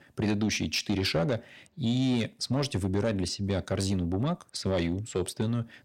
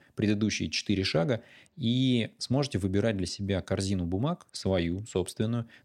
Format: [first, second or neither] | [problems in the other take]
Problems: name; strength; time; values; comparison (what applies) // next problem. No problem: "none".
second | distortion; slight; 10 dB below the speech